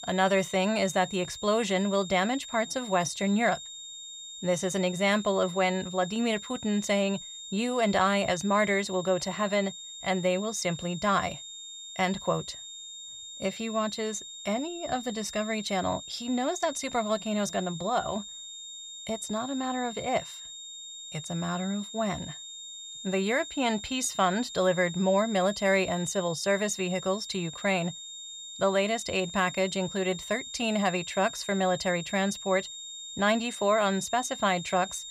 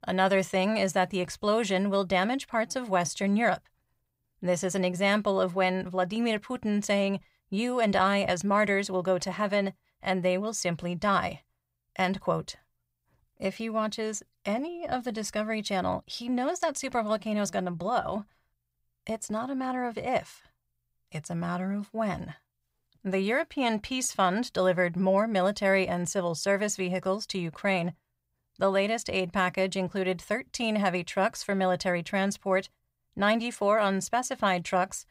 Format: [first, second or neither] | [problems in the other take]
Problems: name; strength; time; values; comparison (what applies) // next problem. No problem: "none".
second | high-pitched whine; noticeable; throughout; 3.5 kHz, 10 dB below the speech